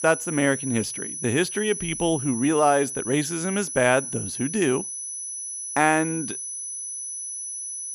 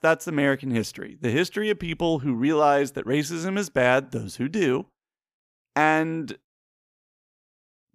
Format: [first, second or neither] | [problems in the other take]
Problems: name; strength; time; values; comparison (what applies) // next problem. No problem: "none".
second | high-pitched whine; loud; throughout; 10 kHz, 6 dB below the speech